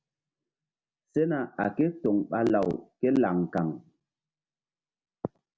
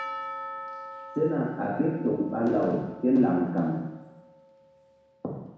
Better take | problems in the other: first | background sound (Percussion); 14 dB below the speech // room echo; dies away in 1.1 s

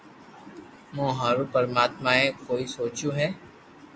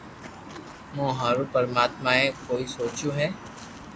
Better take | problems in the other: first | background sound (Walk, footsteps); 16 dB below the speech

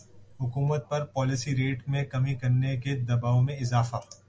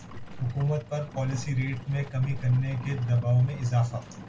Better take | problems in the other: first | background sound (Livestock, farm animals, working animals); 16 dB below the speech // room echo; dies away in 0.2 s

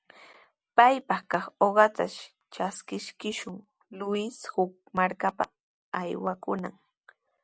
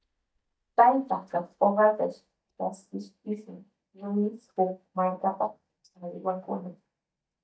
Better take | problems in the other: first | noise reduction (neural mask model DeepFilterNet 3)

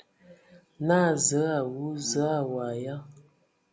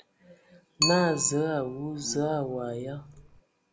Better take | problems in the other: first | background sound (Bicycle); 6 dB below the speech

